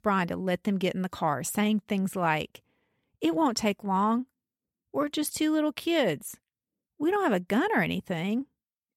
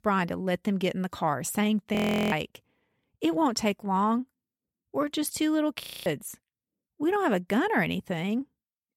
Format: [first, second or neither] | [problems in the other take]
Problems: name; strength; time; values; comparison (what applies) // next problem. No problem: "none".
first | audio freezing; at 2 s and at 6 s